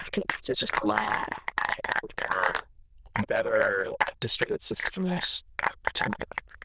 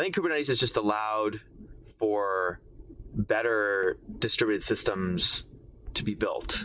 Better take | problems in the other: second | noise reduction (neural diffusion model UNIVERSE++)

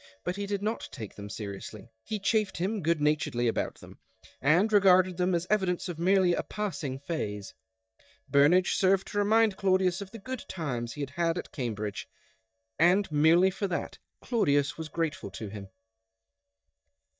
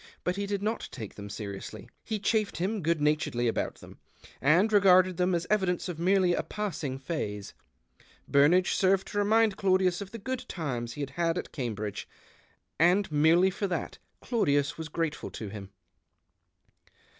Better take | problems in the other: second | noise reduction (neural mask model DeepFilterNet 3)

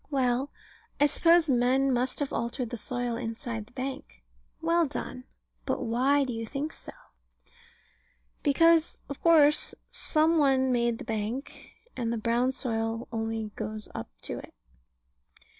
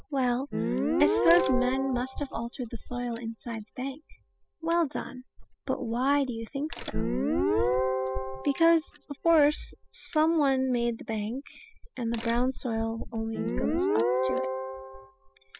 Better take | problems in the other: first | noise reduction (classical method spectral subtraction)

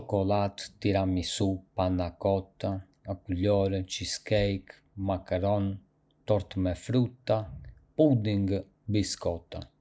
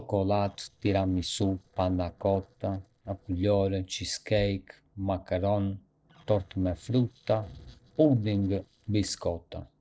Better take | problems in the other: first | noise reduction (neural separator model SepFormer DNS4)

